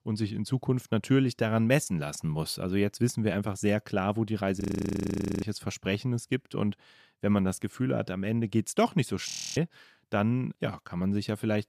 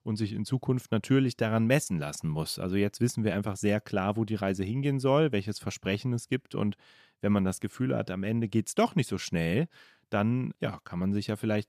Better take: second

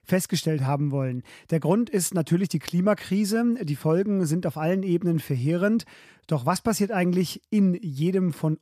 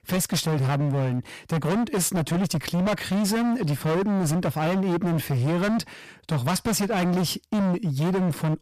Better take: first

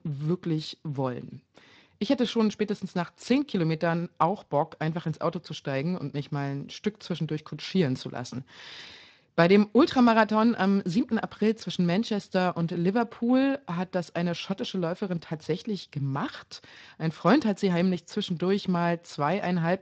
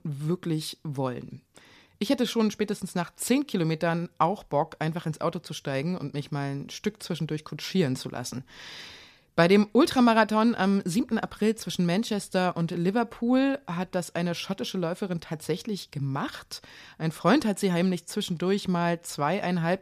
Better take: second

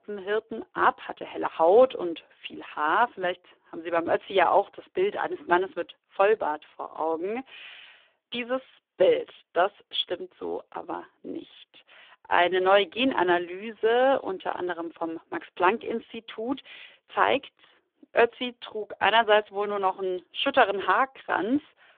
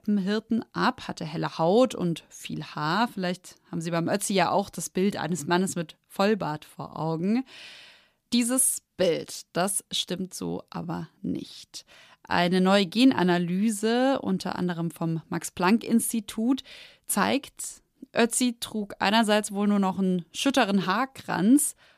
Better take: second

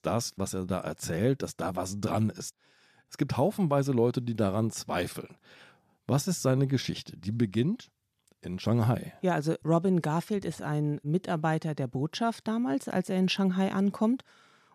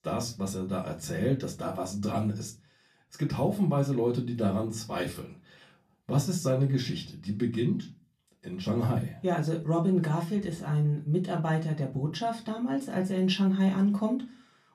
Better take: first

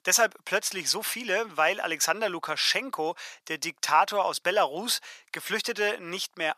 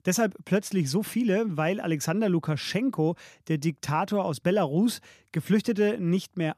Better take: second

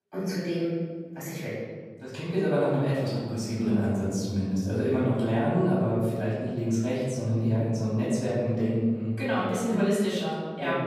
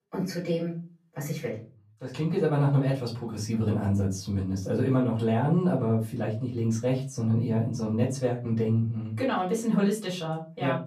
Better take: second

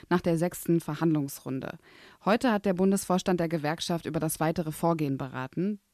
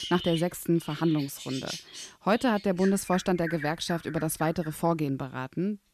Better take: first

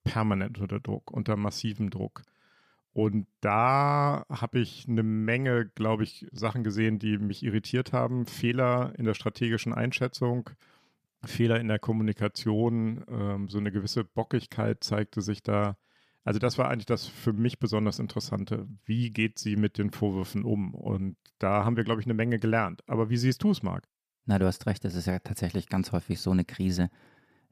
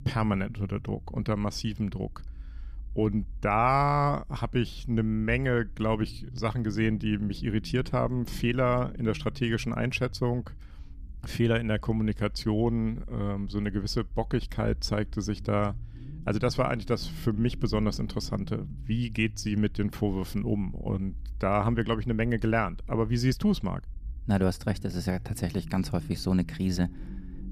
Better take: first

